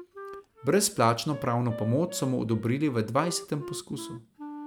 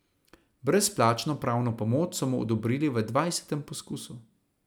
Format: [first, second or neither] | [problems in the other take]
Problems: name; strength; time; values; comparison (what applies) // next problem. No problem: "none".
second | background sound (Wind instrument, woodwind instrument); 15 dB below the speech